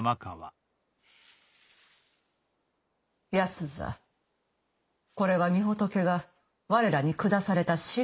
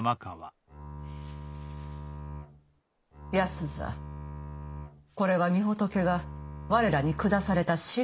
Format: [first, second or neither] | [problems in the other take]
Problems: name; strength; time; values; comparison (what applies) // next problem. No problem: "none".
first | background sound (Bowed string instrument); 11 dB below the speech